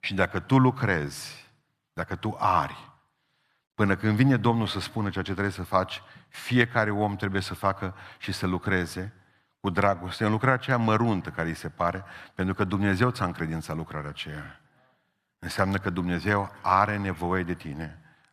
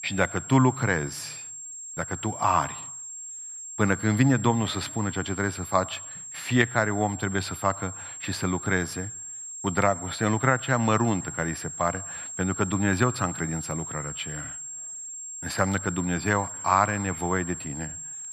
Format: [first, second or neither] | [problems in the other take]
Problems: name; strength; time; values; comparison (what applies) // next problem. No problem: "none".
first | high-pitched whine; loud; throughout; 7.5 kHz, 9 dB below the speech